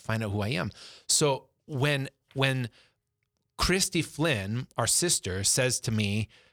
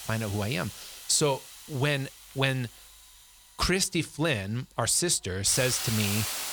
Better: first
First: none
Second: hiss; loud; throughout; 8 dB below the speech

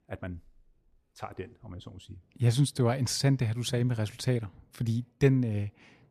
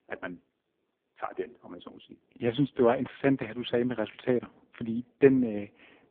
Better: first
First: none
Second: phone-call audio; poor line; nothing above 3.5 kHz

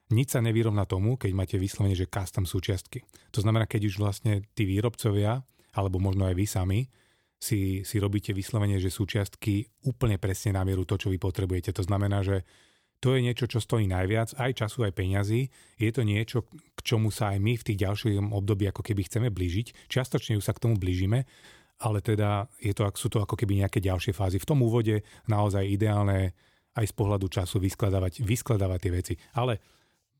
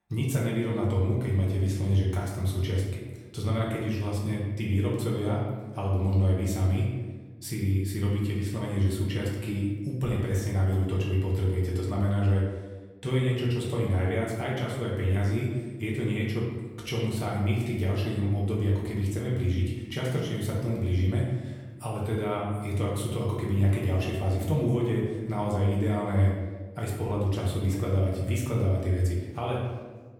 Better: first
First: none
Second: room echo; noticeable; dies away in 1.2 s // off-mic speech; far

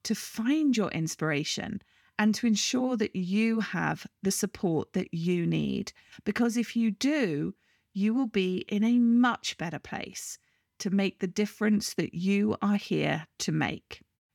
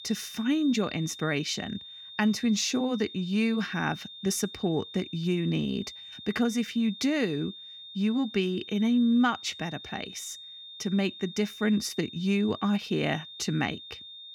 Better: first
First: none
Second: high-pitched whine; noticeable; throughout; 3.5 kHz, 15 dB below the speech

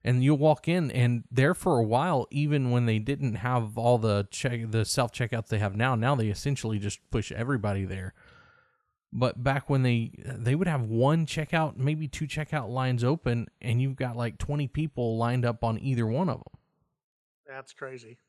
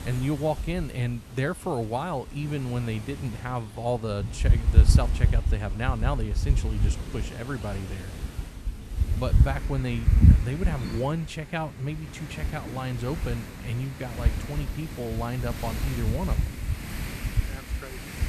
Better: first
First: none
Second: wind noise on the microphone; heavy; 7 dB below the speech

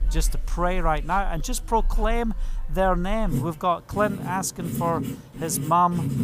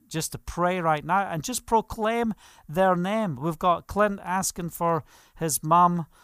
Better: second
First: household noises; loud; throughout; 7 dB below the speech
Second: none

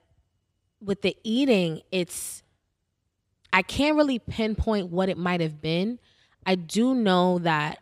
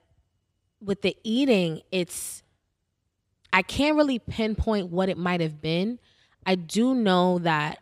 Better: neither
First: none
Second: none

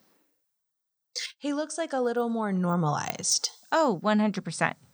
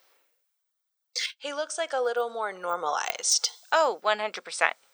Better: first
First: none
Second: thin; very; fading below 500 Hz

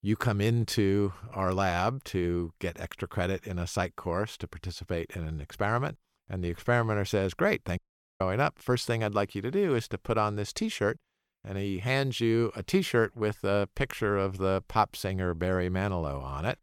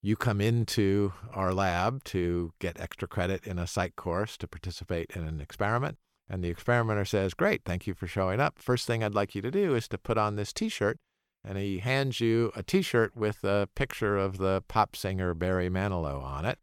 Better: second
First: audio cutting out; at 8 s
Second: none

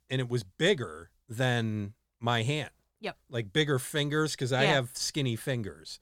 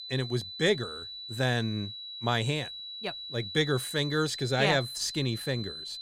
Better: first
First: none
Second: high-pitched whine; loud; throughout; 4 kHz, 8 dB below the speech

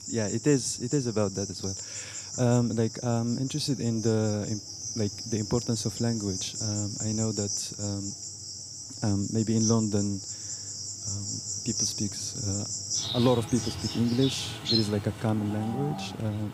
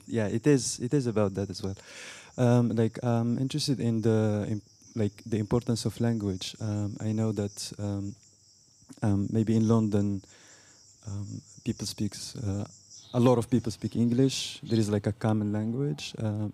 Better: second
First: animal sounds; loud; throughout; 4 dB below the speech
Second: animal sounds; faint; throughout; 25 dB below the speech

